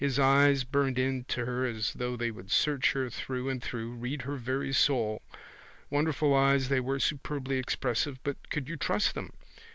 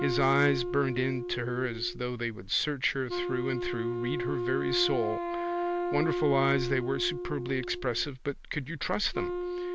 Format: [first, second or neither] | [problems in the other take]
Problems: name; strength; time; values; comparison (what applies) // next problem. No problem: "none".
first | background sound (Wind instrument, woodwind instrument); 3 dB below the speech